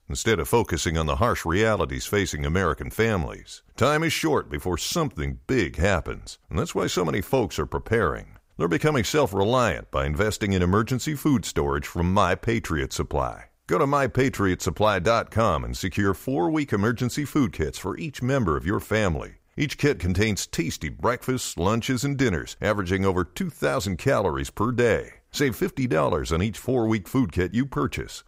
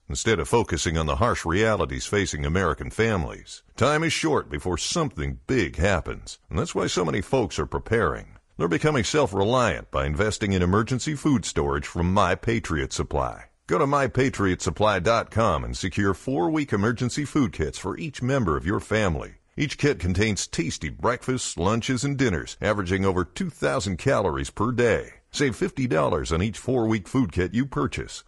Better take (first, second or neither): first